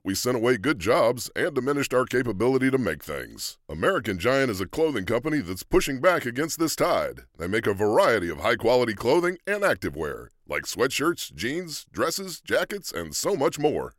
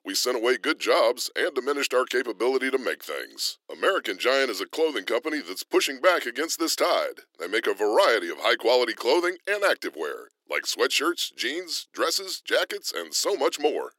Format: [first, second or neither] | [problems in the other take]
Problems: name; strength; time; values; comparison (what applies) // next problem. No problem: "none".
first | thin; somewhat; fading below 300 Hz